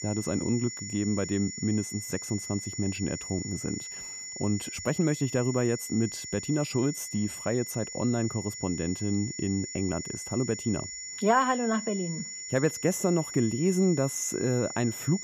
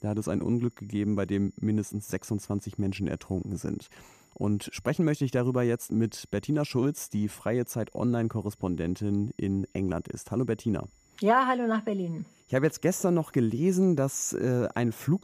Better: second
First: high-pitched whine; loud; throughout; 7 kHz, 7 dB below the speech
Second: high-pitched whine; faint; throughout; 7 kHz, 35 dB below the speech

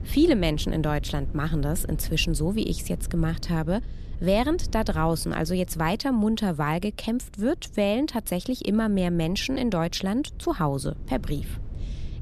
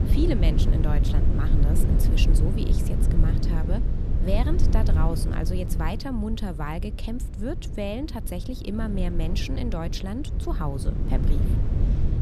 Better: first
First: low rumble; faint; throughout; 25 dB below the speech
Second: low rumble; loud; throughout; 4 dB below the speech

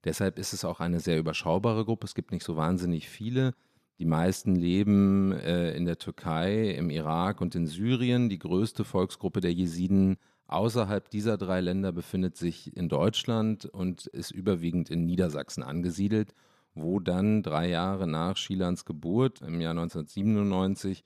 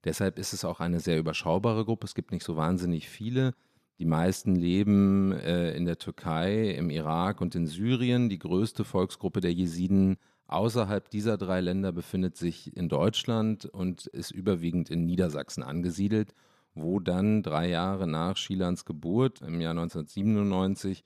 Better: neither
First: none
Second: none

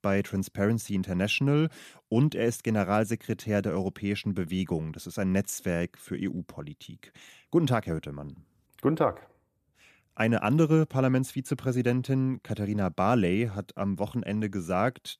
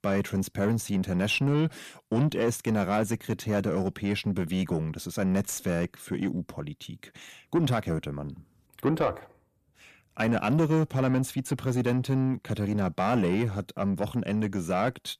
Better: first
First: none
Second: distortion; slight; 10 dB below the speech

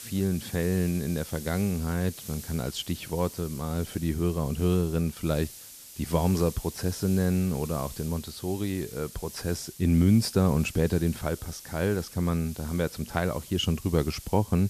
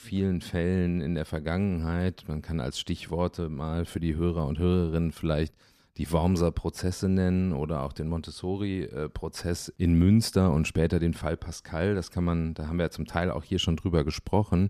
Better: second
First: hiss; noticeable; throughout; 15 dB below the speech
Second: none

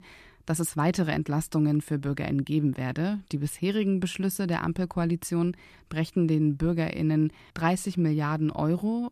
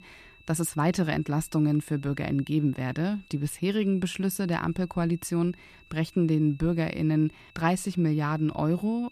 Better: first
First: none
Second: high-pitched whine; faint; throughout; 2.5 kHz, 25 dB below the speech

